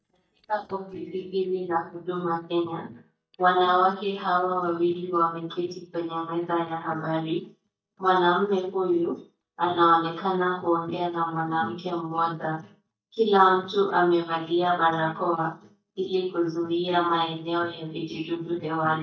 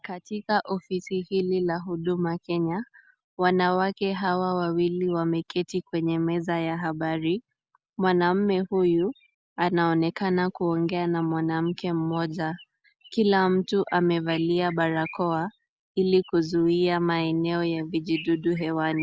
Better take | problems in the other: second | noise reduction (neural mask model DeepFilterNet 3)

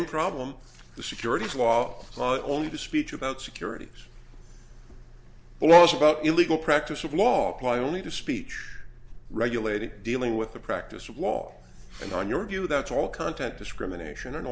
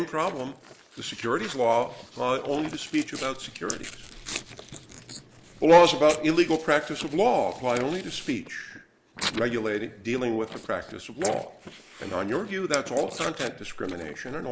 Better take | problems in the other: first | noise reduction (neural mask model Resemble Enhance denoiser)

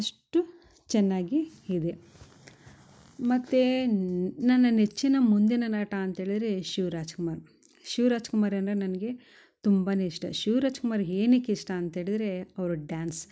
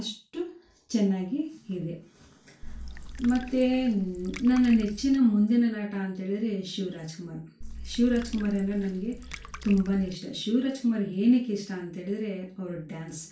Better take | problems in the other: first | background sound (Water / Liquid); 13 dB below the speech // room echo; dies away in 0.3 s

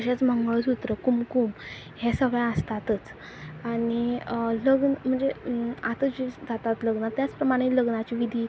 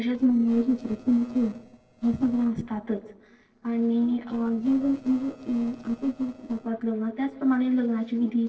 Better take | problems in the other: first | noise reduction (neural separator model SepFormer DNS4)

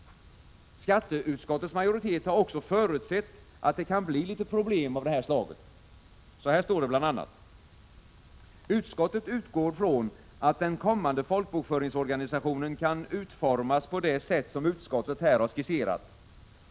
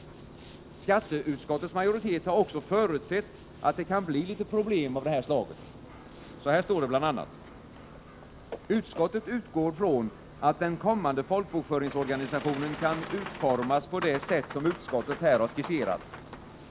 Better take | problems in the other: first | background sound (Boat, Water vehicle); 15 dB below the speech

